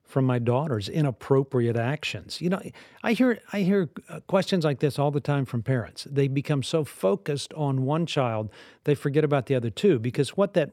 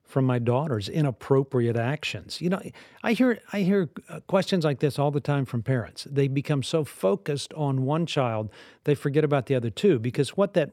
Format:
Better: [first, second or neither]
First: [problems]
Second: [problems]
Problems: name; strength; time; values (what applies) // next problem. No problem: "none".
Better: neither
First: none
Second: none